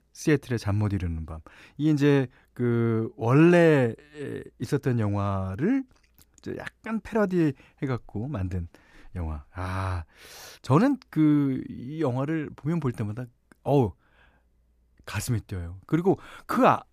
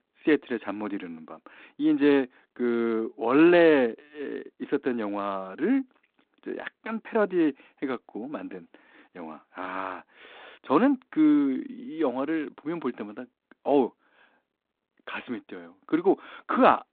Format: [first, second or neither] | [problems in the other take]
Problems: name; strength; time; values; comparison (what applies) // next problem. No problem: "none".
first | phone-call audio; nothing above 4 kHz